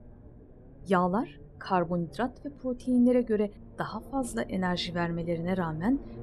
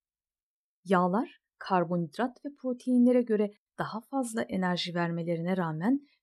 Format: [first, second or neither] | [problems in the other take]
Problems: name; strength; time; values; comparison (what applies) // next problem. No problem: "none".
second | low rumble; faint; throughout; 20 dB below the speech